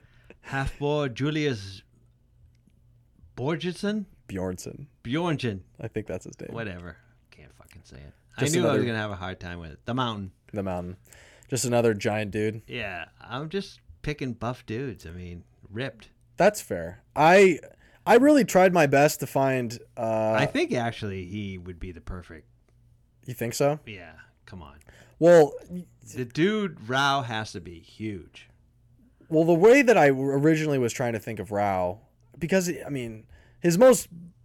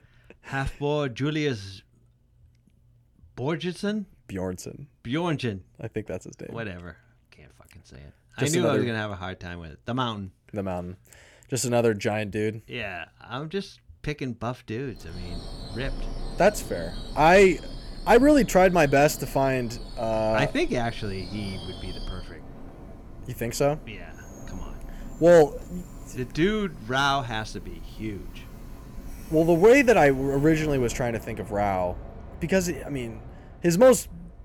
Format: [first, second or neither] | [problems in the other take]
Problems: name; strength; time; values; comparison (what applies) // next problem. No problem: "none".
first | train or aircraft noise; noticeable; from 15 s on; 15 dB below the speech